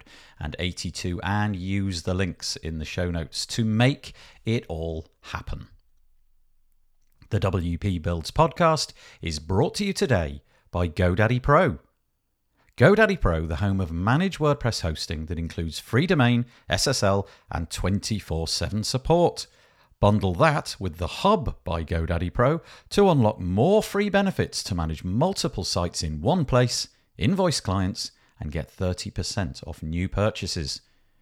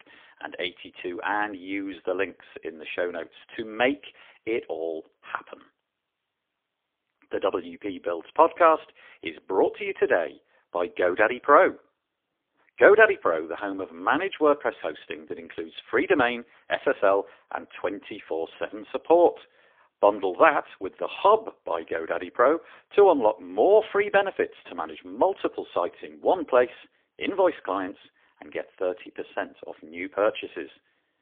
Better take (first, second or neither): first